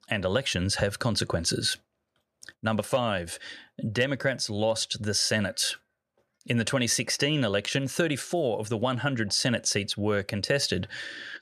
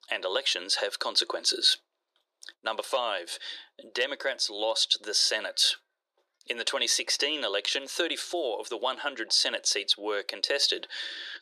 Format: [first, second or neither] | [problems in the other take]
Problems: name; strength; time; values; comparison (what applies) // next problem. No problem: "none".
first | thin; very; fading below 350 Hz